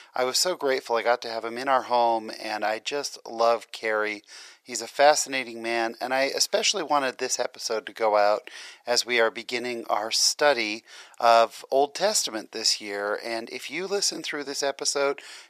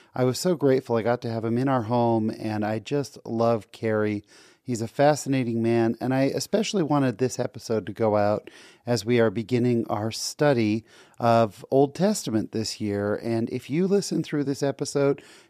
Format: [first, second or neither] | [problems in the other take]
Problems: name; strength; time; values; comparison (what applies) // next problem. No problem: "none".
second | thin; very; fading below 750 Hz